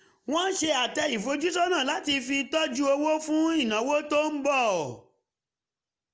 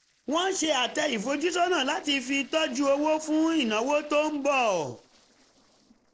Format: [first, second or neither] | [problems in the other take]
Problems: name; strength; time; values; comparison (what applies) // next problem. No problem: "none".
first | noise reduction (neural separator model SepFormer DNS4)